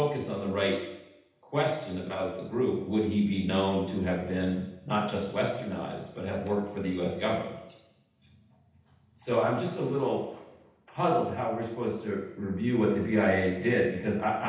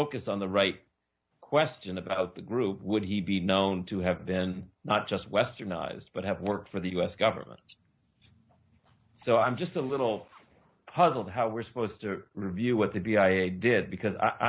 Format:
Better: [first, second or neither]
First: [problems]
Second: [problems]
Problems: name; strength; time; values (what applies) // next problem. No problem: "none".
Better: second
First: room echo; dies away in 0.8 s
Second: none